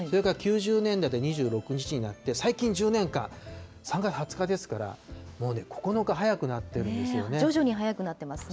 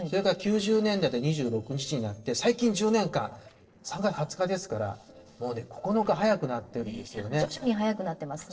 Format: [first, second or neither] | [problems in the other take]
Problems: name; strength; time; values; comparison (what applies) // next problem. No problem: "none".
first | noise reduction (neural separator model SepFormer DNS4)